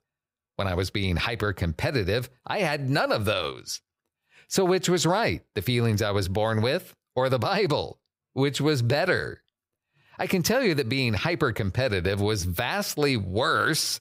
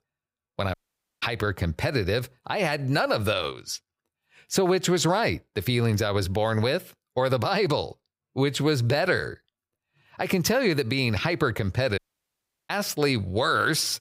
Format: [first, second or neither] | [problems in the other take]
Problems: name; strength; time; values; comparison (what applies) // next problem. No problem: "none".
first | audio cutting out; at 0.5 s and at 12 s for 0.5 s